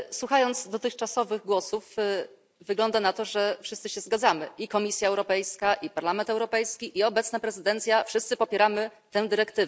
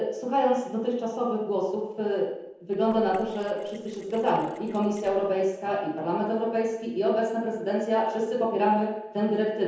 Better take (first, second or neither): first